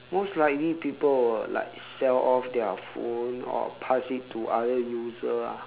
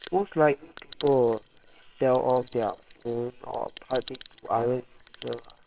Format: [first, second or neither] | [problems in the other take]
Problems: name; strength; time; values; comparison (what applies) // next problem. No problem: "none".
first | noise reduction (neural separator model SepFormer WHAMR!)